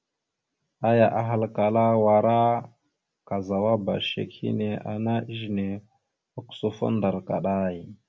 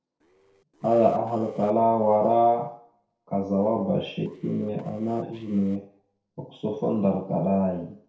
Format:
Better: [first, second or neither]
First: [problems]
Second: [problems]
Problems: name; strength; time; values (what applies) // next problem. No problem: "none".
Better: first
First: none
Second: noise reduction (neural separator model SepFormer DNS4)